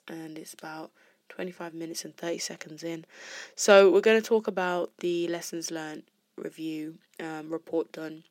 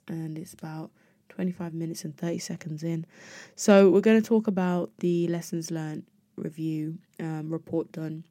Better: second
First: thin; somewhat; fading below 450 Hz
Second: none

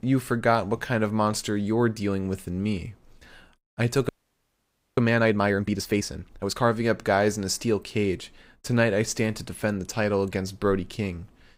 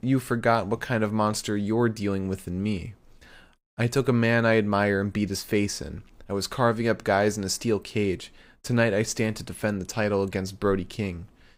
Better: second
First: audio freezing; at 4 s for 1 s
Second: none

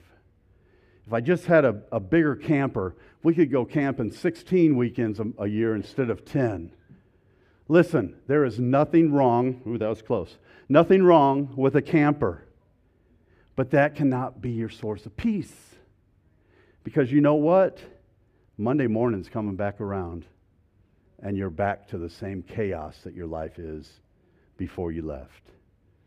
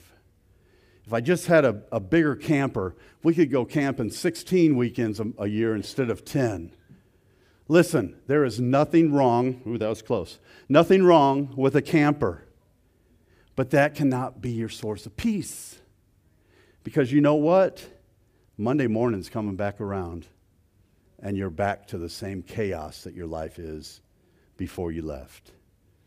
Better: second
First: muffled; slightly; fading above 4 kHz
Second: none

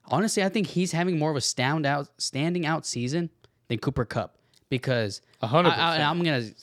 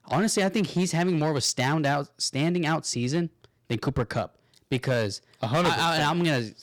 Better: first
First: none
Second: distortion; slight; 6% of the sound clipped

